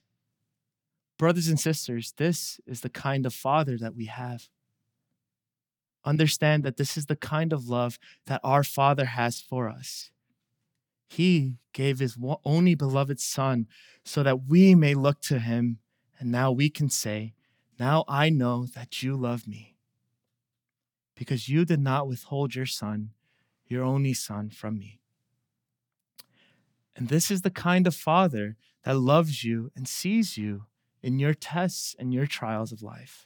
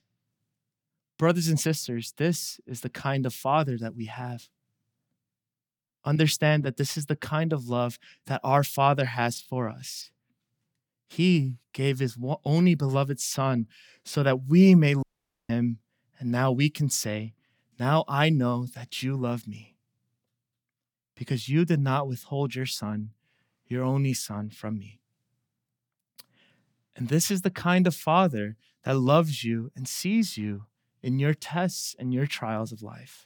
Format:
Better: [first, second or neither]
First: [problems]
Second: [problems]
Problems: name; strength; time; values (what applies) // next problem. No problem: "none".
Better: first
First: none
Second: audio cutting out; at 15 s